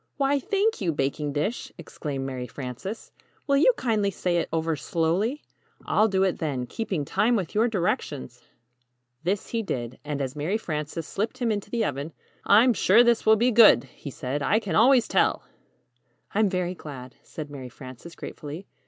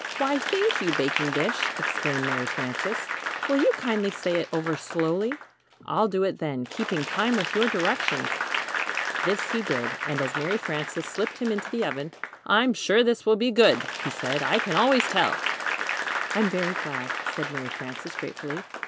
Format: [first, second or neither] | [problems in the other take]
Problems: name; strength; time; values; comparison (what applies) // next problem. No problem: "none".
first | background sound (Applause / Crowd); 4 dB below the speech